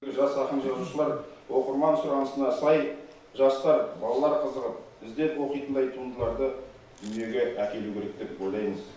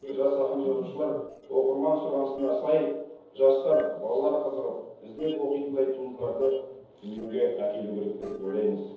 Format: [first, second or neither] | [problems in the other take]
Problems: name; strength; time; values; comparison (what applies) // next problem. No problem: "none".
first | noise reduction (neural separator model SepFormer DNS4)